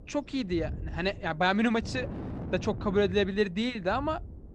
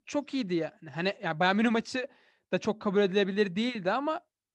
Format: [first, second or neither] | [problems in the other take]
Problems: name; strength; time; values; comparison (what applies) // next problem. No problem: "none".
second | wind noise on the microphone; occasional gusts; 20 dB below the speech